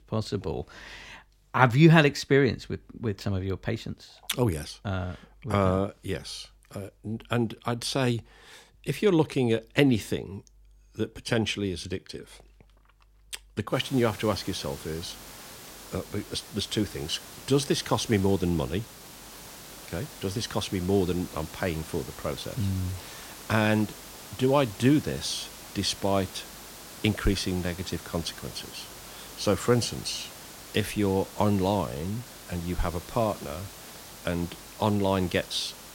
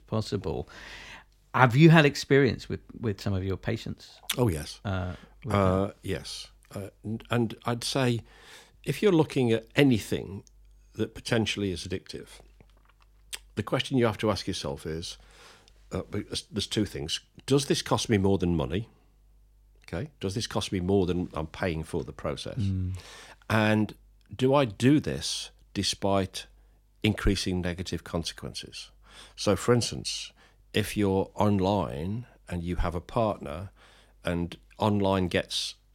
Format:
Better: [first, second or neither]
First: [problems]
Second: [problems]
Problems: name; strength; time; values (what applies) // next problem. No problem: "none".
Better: second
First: hiss; noticeable; from 14 s on; 15 dB below the speech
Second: none